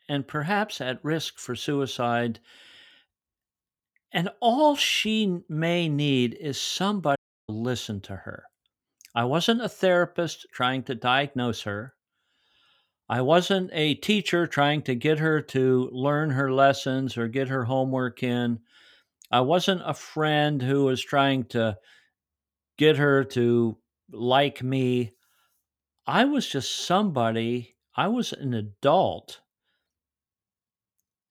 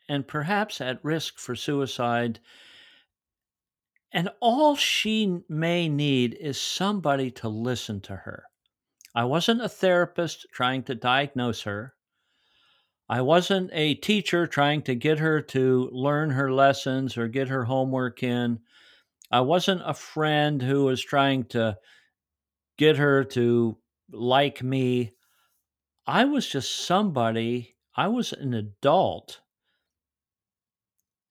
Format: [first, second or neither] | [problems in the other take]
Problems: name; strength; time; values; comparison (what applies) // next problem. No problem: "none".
second | audio cutting out; at 7 s